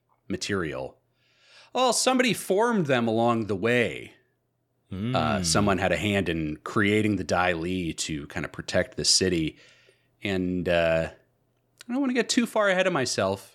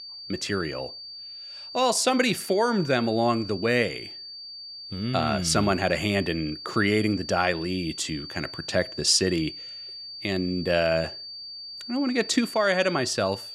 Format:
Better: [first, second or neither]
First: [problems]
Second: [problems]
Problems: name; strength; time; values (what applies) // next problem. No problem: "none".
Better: first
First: none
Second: high-pitched whine; noticeable; throughout; 4.5 kHz, 10 dB below the speech